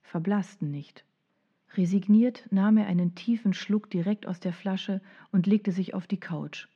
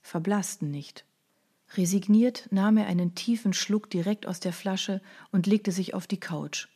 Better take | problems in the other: second | muffled; slightly; fading above 2.5 kHz

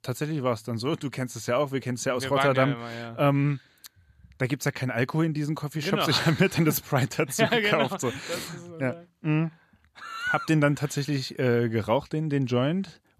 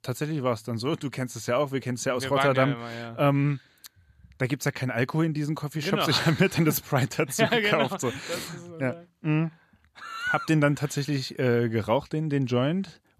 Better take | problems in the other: neither | none

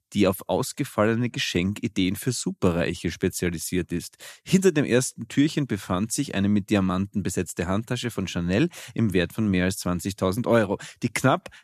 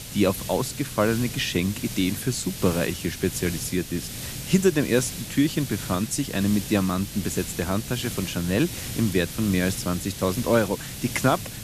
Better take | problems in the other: first | hiss; loud; throughout; 8 dB below the speech

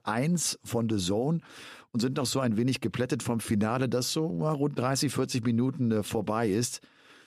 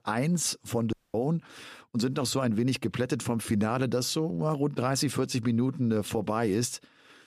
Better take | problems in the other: first | audio cutting out; at 1 s

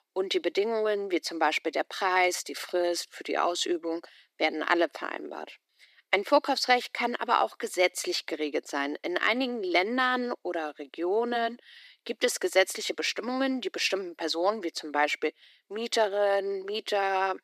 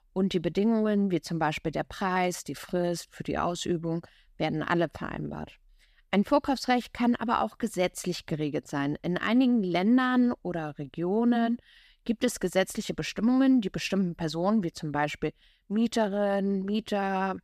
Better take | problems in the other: second | thin; somewhat; fading below 300 Hz

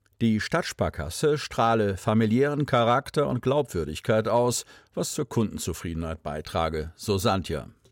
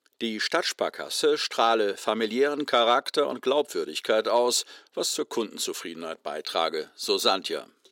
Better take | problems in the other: first | thin; somewhat; fading below 300 Hz

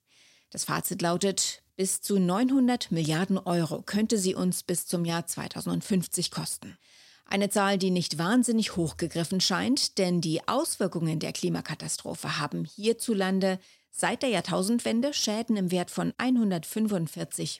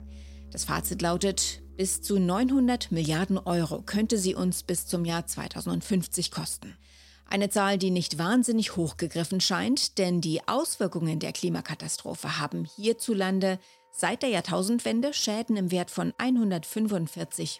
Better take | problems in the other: first | background music; faint; throughout; 25 dB below the speech

